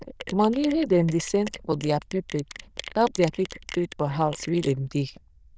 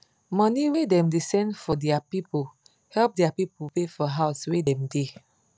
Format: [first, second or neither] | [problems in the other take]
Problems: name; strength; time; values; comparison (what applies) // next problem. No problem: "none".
second | noise reduction (neural diffusion model UNIVERSE++)